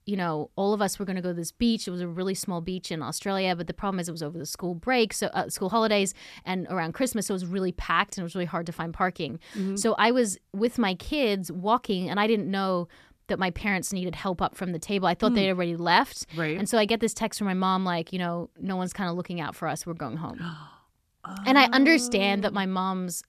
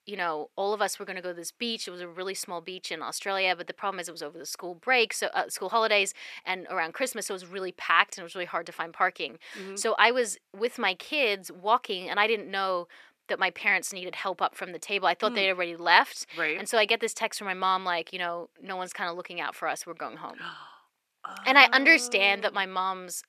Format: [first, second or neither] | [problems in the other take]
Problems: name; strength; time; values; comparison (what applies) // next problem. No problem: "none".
first | thin; somewhat; fading below 500 Hz